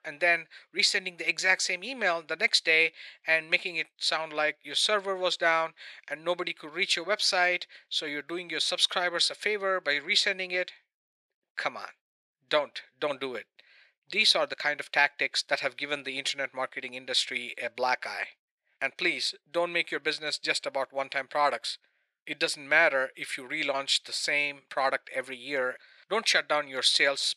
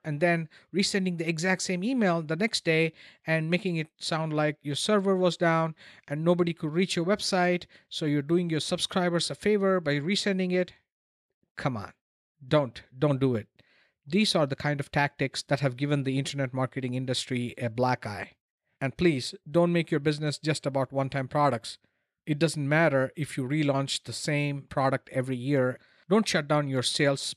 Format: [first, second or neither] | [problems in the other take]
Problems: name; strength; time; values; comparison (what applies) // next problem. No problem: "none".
second | thin; very; fading below 600 Hz